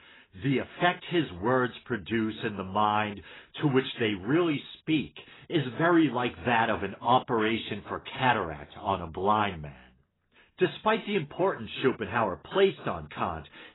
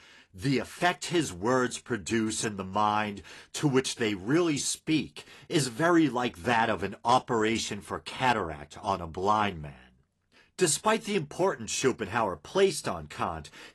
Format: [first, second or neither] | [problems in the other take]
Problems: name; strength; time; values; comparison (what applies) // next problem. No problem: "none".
second | garbled, watery; badly; nothing above 4 kHz; slightly in the second